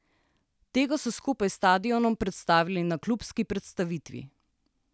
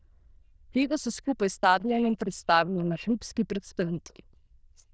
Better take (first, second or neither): first